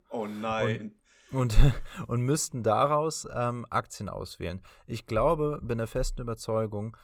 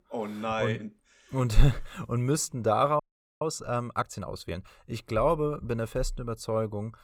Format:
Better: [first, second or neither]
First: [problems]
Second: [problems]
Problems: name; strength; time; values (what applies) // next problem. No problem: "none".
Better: first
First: none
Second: audio freezing; at 3 s